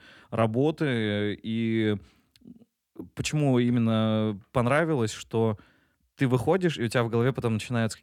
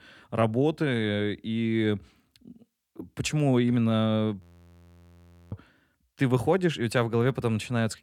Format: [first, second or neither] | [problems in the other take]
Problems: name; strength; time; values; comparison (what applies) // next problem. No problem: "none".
first | audio freezing; at 4.5 s for 1 s